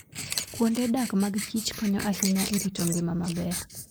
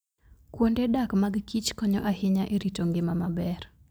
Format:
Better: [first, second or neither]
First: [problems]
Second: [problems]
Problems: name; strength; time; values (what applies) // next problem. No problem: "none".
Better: second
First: noise reduction (neural mask model Resemble Enhance denoiser)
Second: none